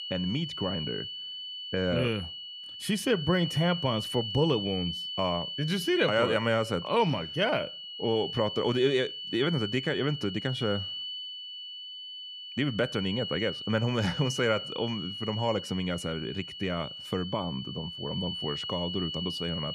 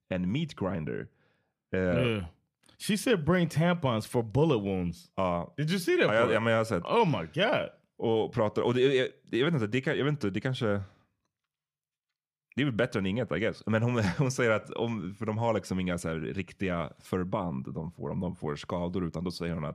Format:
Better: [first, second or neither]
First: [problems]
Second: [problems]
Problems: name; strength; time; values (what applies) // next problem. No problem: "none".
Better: second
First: high-pitched whine; loud; throughout; 3 kHz, 6 dB below the speech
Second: none